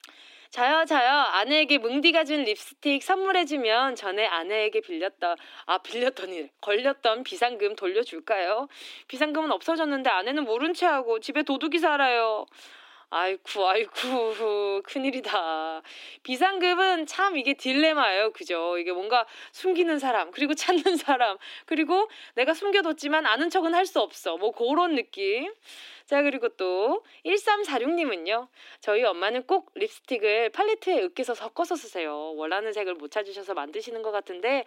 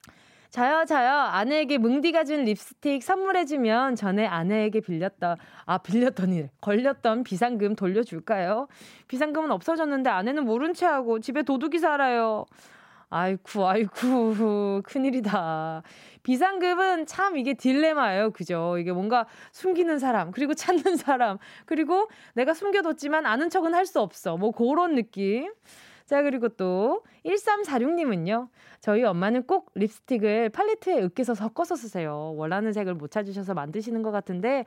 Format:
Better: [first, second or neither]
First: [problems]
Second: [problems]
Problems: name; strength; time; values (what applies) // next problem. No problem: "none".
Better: second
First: thin; very slightly; fading below 300 Hz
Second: none